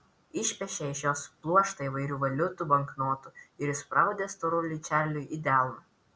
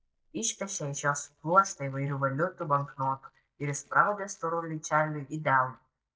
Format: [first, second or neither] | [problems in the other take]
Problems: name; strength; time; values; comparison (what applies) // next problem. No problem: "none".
first | noise reduction (neural mask model DeepFilterNet 3)